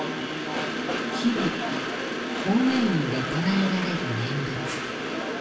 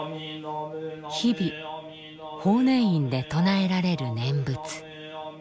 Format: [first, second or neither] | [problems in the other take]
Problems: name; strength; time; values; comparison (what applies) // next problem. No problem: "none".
second | background sound (Train); 2 dB below the speech // room echo; dies away in 1.4 s